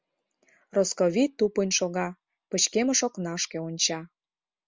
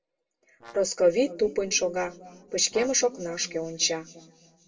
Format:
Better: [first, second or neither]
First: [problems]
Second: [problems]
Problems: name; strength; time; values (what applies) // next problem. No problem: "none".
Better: first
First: none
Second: noise reduction (neural separator model SepFormer DNS4)